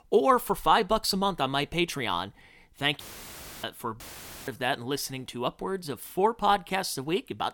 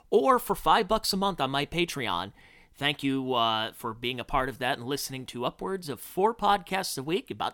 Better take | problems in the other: second | audio cutting out; filled with static; at 3 s for 0.5 s and at 4 s

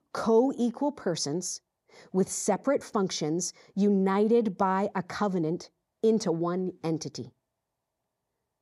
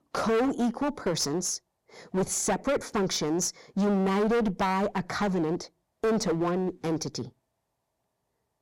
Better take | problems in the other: first | distortion; heavy; 14% of the sound clipped

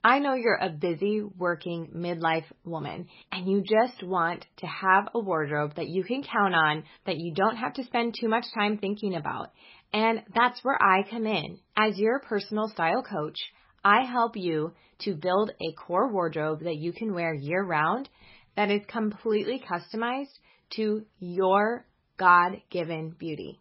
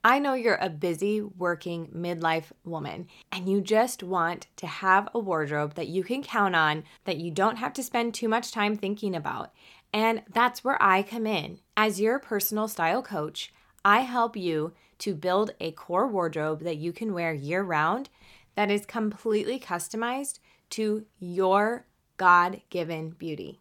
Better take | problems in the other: second | garbled, watery; badly; nothing above 5.5 kHz

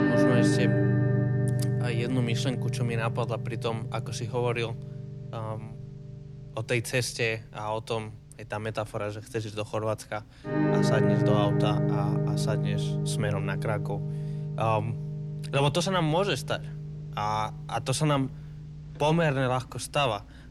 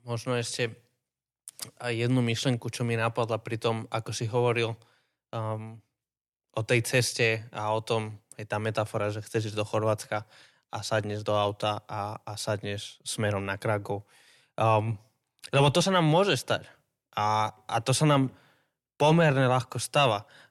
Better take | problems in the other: second | background music; very loud; throughout; 1 dB above the speech

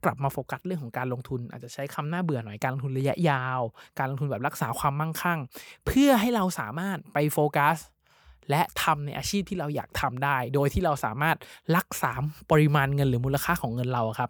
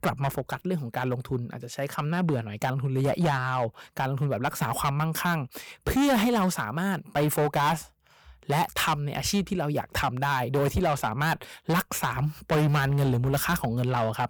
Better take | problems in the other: first | distortion; heavy; 9% of the sound clipped

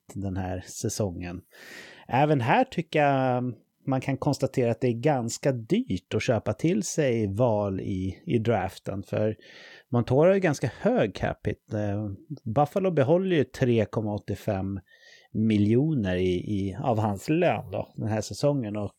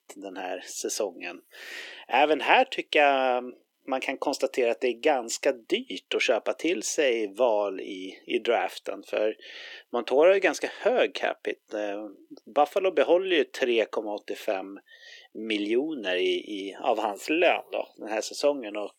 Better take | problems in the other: first | thin; somewhat; fading below 300 Hz

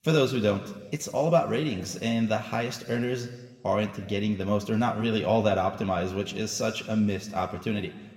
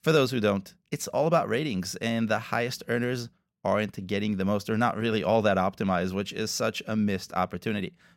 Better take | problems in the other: second | room echo; slight; dies away in 1.2 s

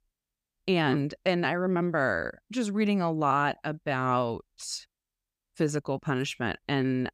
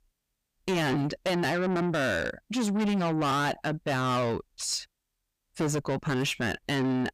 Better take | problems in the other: first | distortion; heavy; 6 dB below the speech

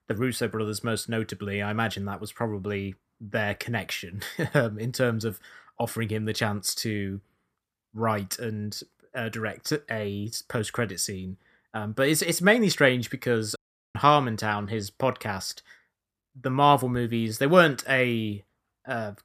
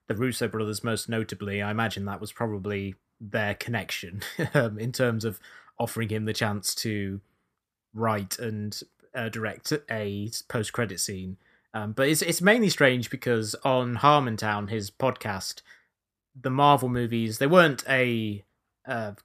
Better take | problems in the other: second | audio cutting out; at 14 s

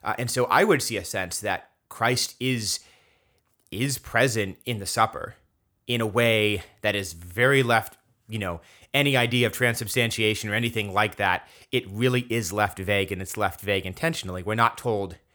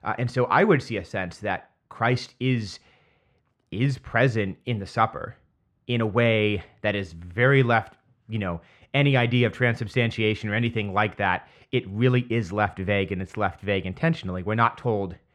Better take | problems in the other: first | muffled; slightly; fading above 2.5 kHz

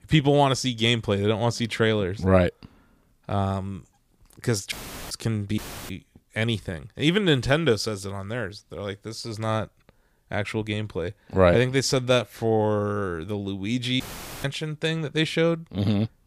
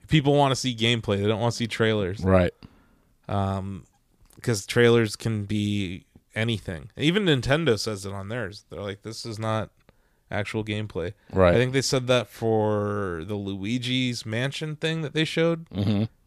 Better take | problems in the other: second | audio cutting out; filled with static; at 4.5 s, at 5.5 s and at 14 s

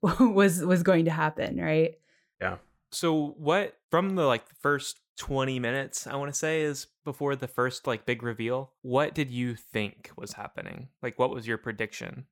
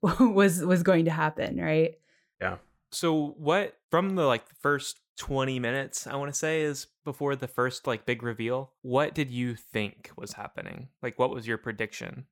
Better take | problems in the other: neither | none

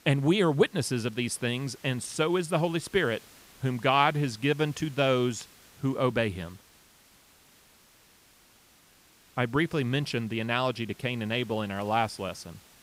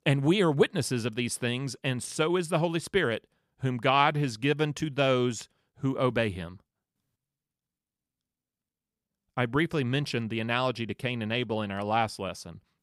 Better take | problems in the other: second | hiss; faint; throughout; 25 dB below the speech

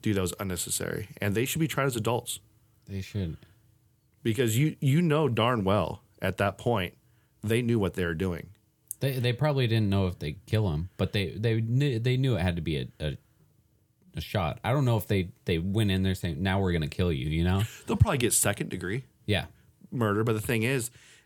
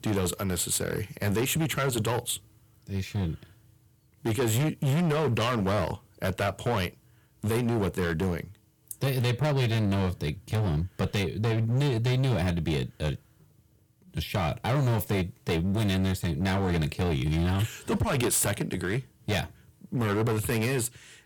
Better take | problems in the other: first | distortion; heavy; 16% of the sound clipped

